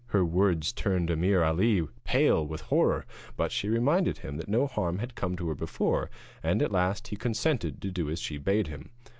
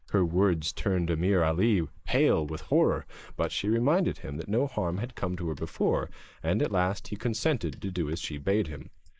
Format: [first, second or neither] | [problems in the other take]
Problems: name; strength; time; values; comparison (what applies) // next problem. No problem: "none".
first | noise reduction (neural mask model Resemble Enhance denoiser)